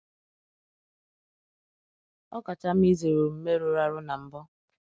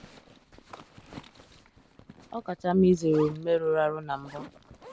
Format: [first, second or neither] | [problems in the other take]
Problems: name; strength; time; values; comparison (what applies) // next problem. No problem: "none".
first | background sound (Zipper (clothing)); 20 dB below the speech